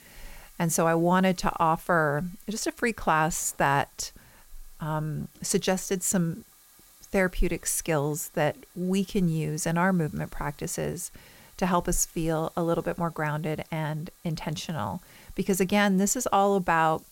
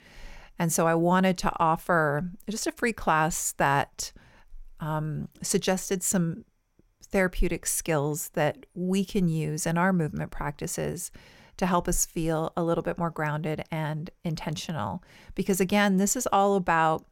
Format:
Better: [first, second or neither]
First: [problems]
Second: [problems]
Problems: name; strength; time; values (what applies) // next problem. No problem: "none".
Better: second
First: hiss; faint; throughout; 25 dB below the speech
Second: none